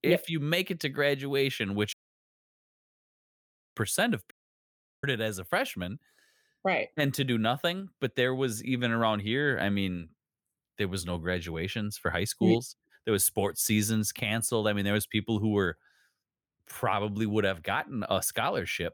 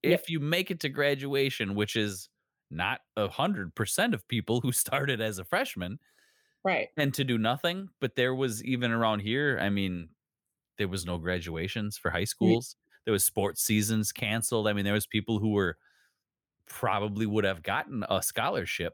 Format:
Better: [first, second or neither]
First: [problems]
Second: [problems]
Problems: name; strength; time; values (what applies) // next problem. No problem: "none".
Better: second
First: audio cutting out; at 2 s for 2 s and at 4.5 s for 0.5 s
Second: none